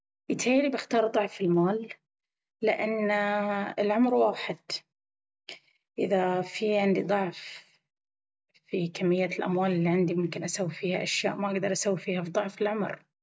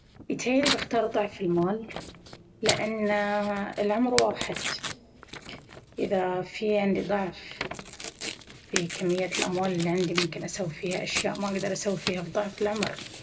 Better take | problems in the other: first | background sound (Tearing); 8 dB below the speech // room echo; dies away in 1.6 s

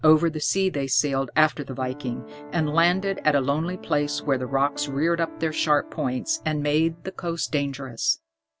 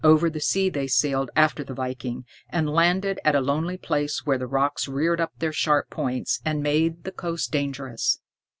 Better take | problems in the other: second | background sound (Piano); 19 dB below the speech

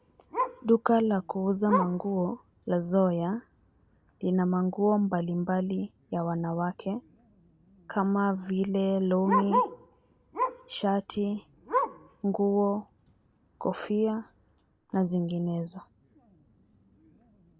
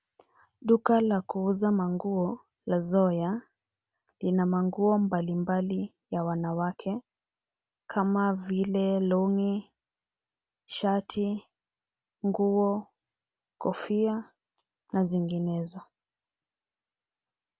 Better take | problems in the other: second | background sound (Bark); 8 dB below the speech

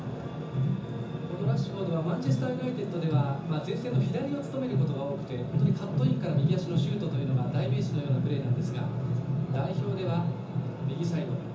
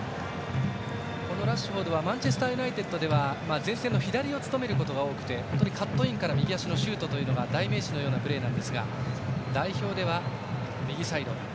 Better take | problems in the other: second | background sound (Whoosh, swoosh, swish); 19 dB below the speech // room echo; dies away in 0.6 s

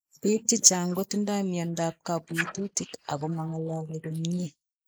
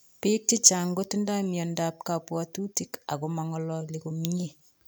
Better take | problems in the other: second | noise reduction (neural mask model Resemble Enhance denoiser)

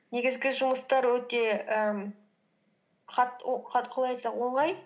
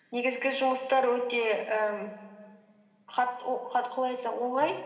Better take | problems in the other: first | room echo; dies away in 2 s

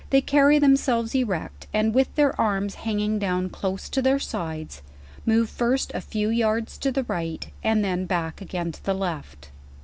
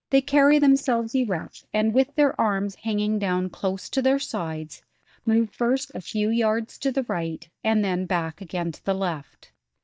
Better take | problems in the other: first | noise reduction (neural mask model DeepFilterNet 3)

